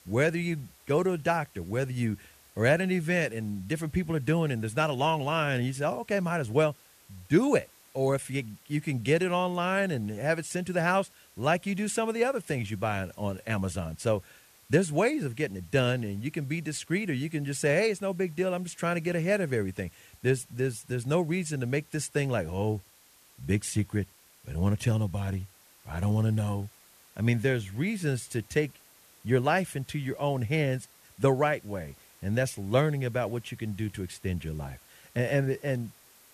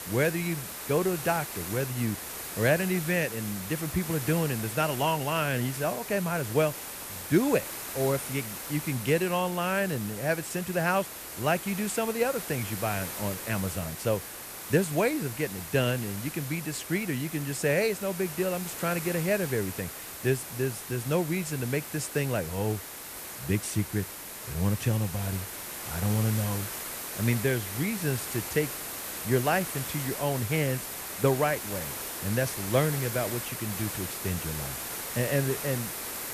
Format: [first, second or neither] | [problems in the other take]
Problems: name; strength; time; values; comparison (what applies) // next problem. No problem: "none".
first | hiss; loud; throughout; 6 dB below the speech; faint in the first